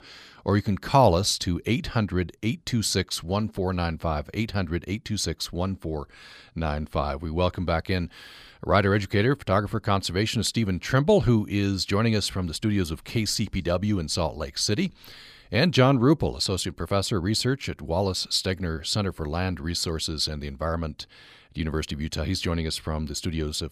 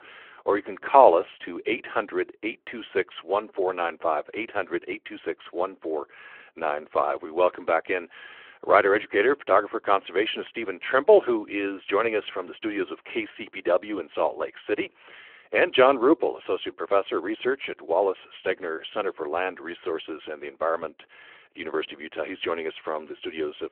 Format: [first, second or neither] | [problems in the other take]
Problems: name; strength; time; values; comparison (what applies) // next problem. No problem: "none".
first | phone-call audio